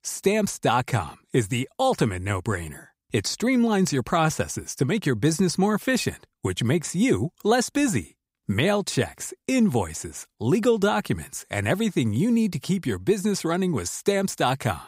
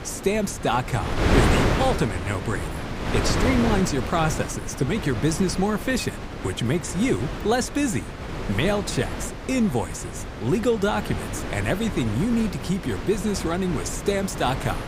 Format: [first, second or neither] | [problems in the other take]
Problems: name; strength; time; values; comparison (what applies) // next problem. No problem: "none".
first | wind noise on the microphone; heavy; 4 dB below the speech